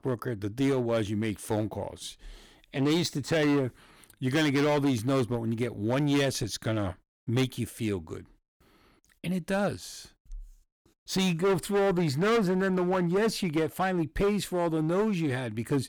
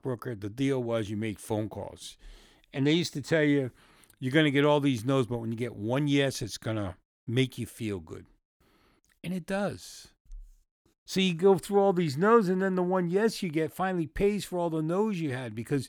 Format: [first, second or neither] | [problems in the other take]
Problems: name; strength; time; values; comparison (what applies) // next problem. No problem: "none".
second | distortion; heavy; 11% of the sound clipped